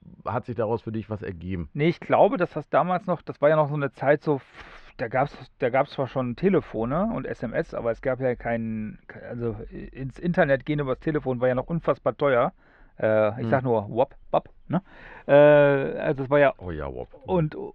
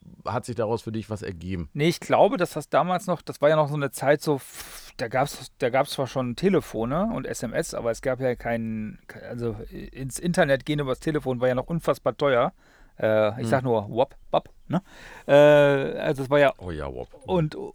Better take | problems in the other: second | muffled; very; fading above 2.5 kHz

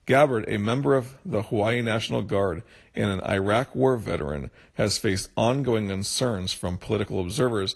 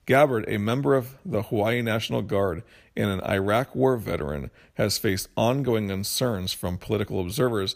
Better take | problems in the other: second | garbled, watery; slightly; nothing above 11.5 kHz

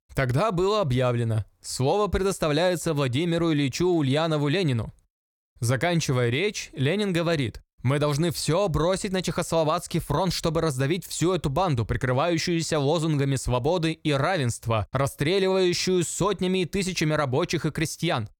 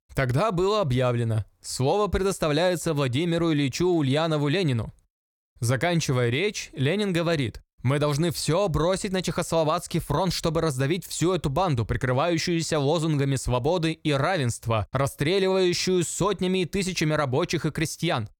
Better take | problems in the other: neither | none

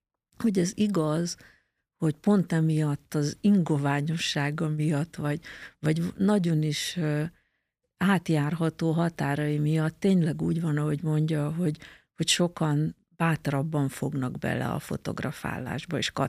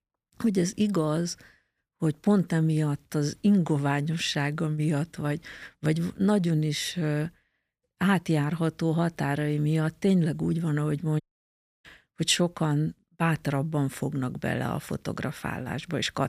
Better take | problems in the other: first | audio cutting out; at 11 s for 0.5 s

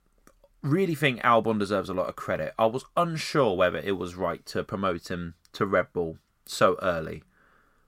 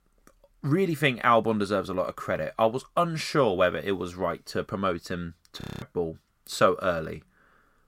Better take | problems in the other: first | audio freezing; at 5.5 s

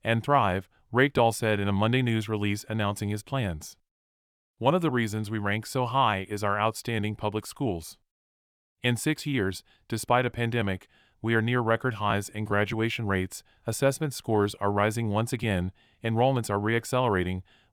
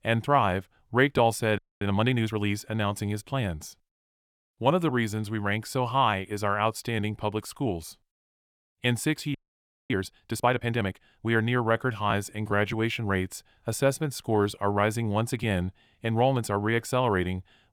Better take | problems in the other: first | audio freezing; at 1.5 s and at 9.5 s for 0.5 s

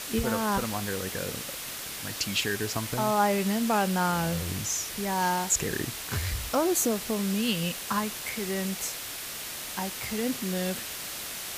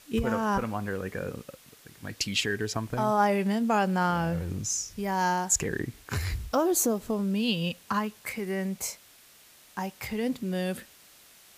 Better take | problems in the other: second | hiss; loud; throughout; 5 dB below the speech; faint in the second

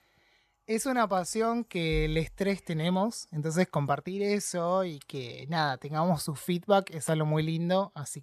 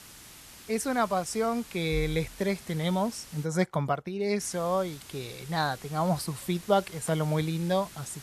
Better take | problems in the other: first | hiss; noticeable; until 3.5 s and from 4.5 s on; 15 dB below the speech

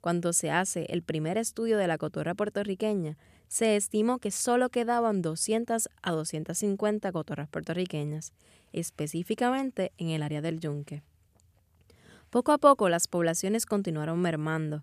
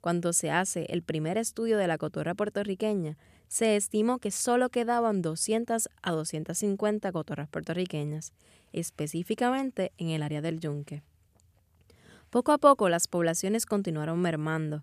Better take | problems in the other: neither | none

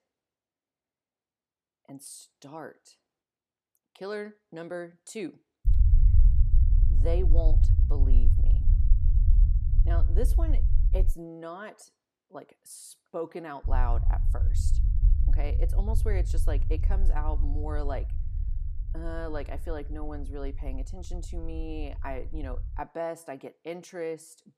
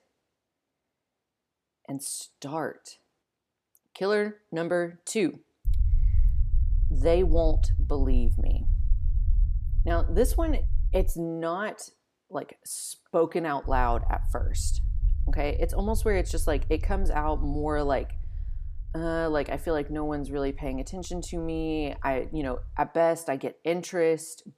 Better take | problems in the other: second | low rumble; loud; from 5.5 to 11 s and from 14 to 23 s; 8 dB below the speech; faint in the second

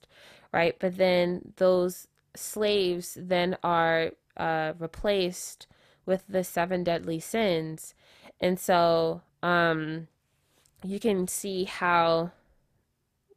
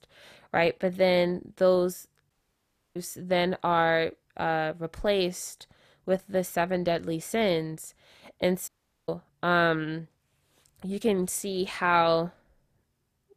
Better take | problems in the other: first | audio cutting out; at 2.5 s for 0.5 s and at 8.5 s

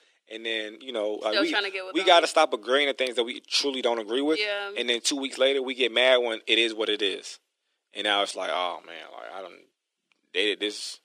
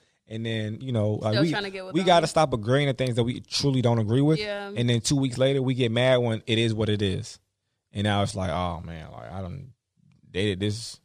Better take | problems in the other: second | thin; somewhat; fading below 300 Hz

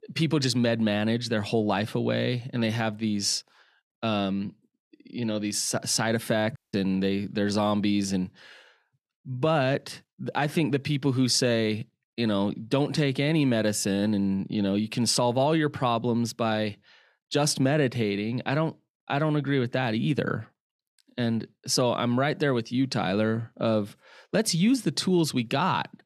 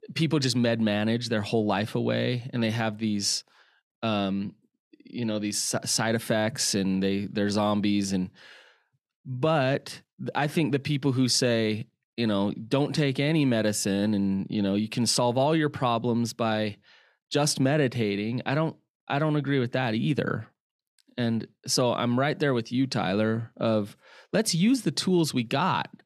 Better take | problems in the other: second | audio cutting out; at 6.5 s

